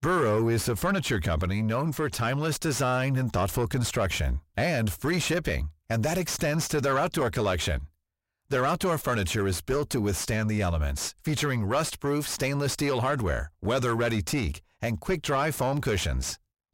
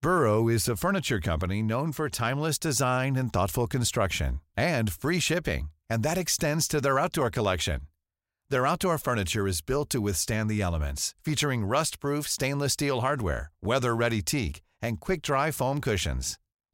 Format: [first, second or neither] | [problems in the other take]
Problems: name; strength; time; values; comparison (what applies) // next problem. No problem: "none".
second | distortion; slight; 9 dB below the speech